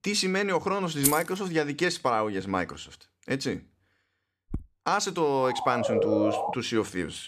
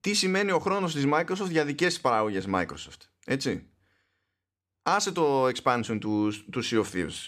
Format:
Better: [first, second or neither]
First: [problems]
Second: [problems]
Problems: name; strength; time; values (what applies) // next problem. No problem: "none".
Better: second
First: jangling keys; loud; at 1 s; peak 2 dB above the speech // footsteps; faint; at 4.5 s; peak 10 dB below the speech // siren; loud; from 5.5 to 6.5 s; peak 2 dB above the speech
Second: none